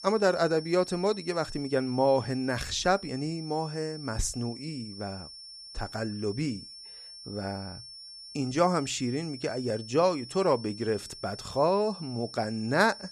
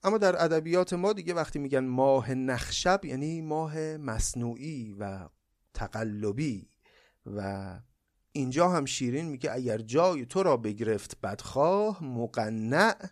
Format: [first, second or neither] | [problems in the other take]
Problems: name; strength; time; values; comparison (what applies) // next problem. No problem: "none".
second | high-pitched whine; noticeable; throughout; 5.5 kHz, 15 dB below the speech